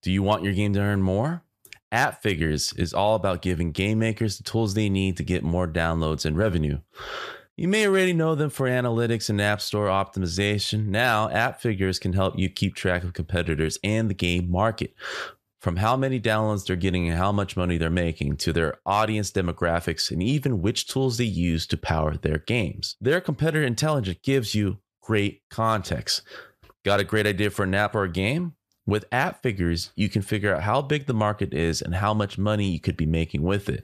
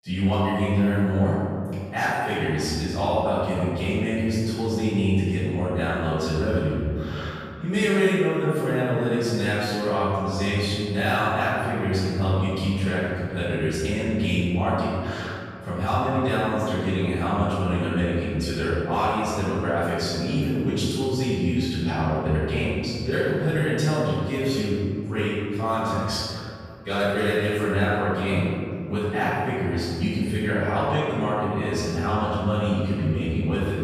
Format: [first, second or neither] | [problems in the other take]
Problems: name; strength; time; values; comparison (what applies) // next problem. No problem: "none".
first | off-mic speech; far // room echo; strong; dies away in 2.1 s